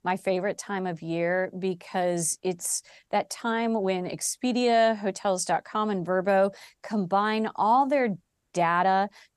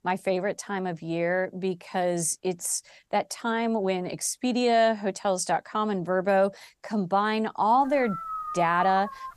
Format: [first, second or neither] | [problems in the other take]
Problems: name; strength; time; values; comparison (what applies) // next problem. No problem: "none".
first | dog barking; noticeable; from 8 s on; peak 7 dB below the speech